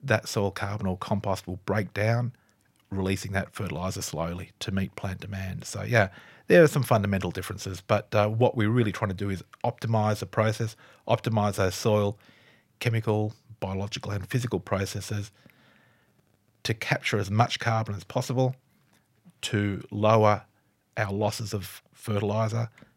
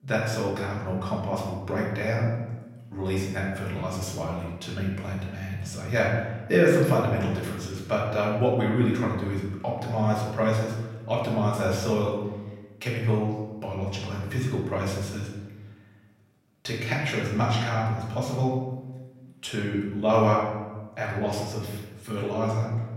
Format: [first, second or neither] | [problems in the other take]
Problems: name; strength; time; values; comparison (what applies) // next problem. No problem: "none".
first | room echo; noticeable; dies away in 1 s // off-mic speech; far